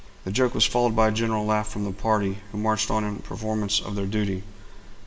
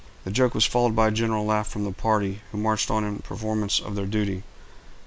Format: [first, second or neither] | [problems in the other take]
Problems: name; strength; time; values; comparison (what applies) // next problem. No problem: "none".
second | room echo; dies away in 1.7 s